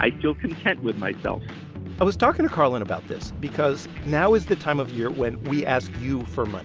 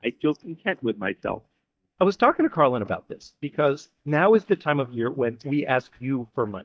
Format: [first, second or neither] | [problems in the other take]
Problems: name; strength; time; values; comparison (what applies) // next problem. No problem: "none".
first | noise reduction (neural mask model DeepFilterNet 3)